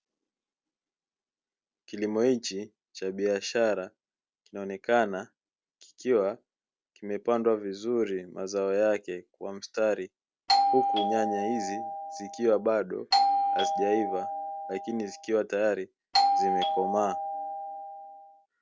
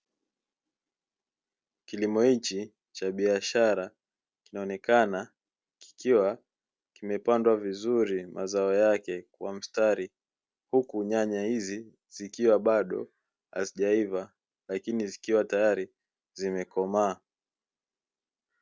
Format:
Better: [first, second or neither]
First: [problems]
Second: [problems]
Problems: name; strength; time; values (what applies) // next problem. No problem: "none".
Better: second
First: background sound (Doorbell); 2 dB above the speech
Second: none